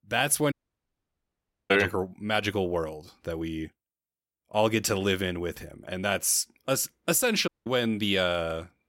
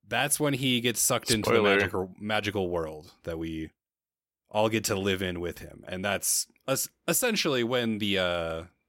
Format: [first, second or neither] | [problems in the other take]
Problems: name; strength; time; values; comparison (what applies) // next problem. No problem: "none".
second | audio cutting out; at 0.5 s for 1 s and at 7.5 s